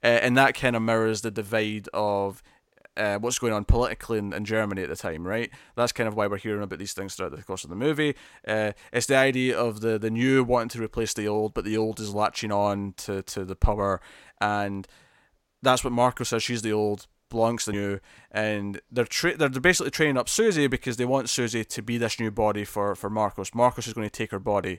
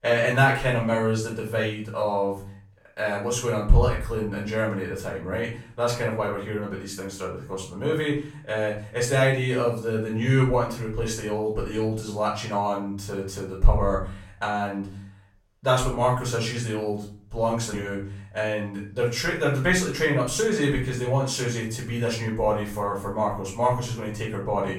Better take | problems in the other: first | off-mic speech; far // room echo; noticeable; dies away in 0.5 s

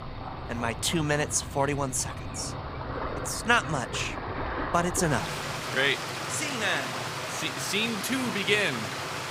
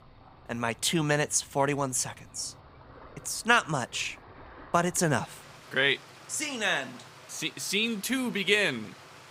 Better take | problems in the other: second | rain or running water; loud; throughout; 6 dB below the speech; faint in the second

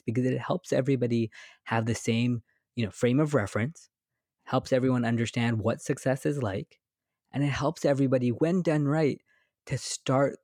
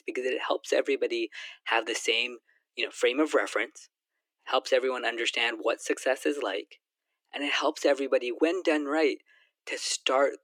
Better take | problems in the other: first | thin; very; fading below 300 Hz

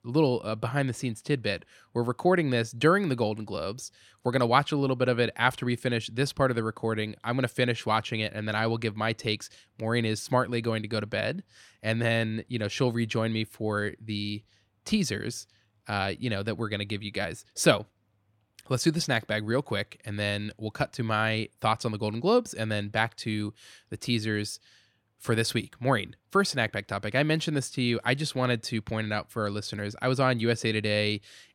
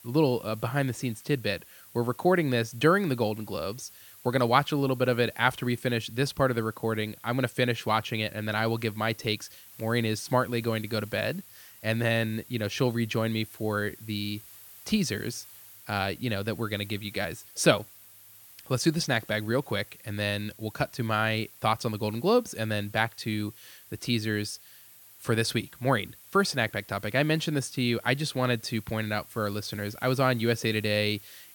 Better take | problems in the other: first | hiss; noticeable; throughout; 20 dB below the speech

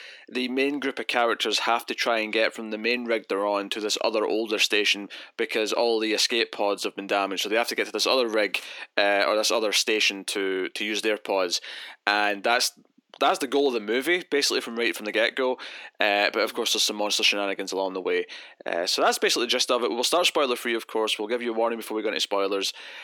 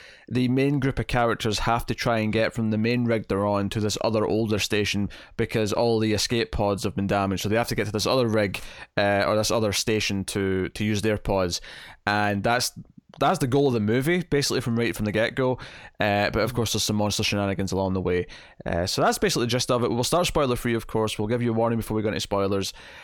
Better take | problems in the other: second | thin; somewhat; fading below 300 Hz

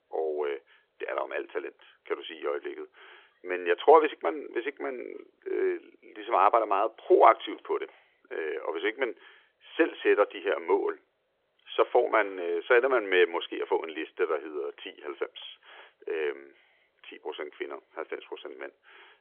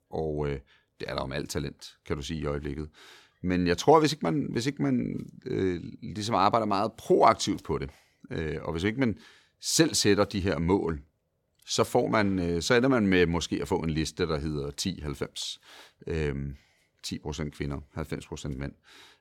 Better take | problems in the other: second | phone-call audio; nothing above 3.5 kHz

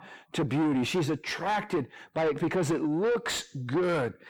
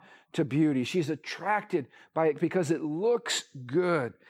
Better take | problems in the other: second | distortion; heavy; 7 dB below the speech

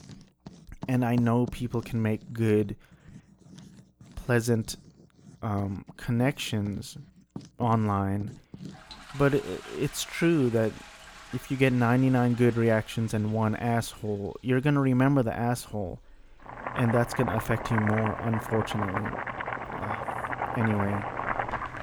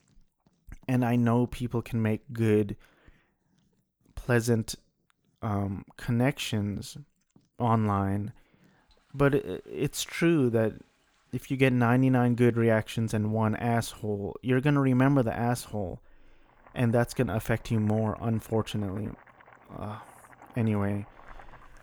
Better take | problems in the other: second | household noises; loud; throughout; 9 dB below the speech; faint in the second

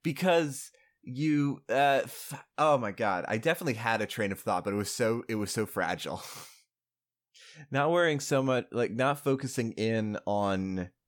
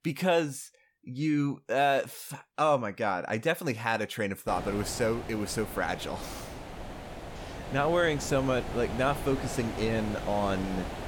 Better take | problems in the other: first | wind noise on the microphone; occasional gusts; from 4.5 s on; 10 dB below the speech

